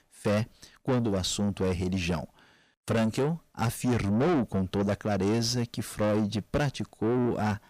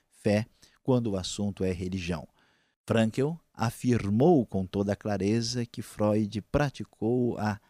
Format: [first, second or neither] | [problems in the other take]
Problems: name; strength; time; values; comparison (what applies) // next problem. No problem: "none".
second | distortion; heavy; 8 dB below the speech